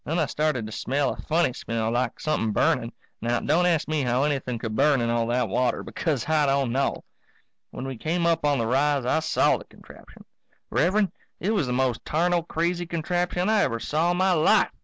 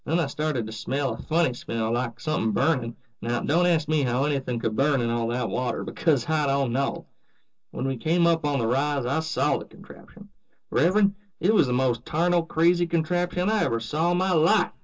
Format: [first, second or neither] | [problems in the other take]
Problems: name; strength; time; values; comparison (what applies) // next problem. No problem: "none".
first | room echo; dies away in 0.2 s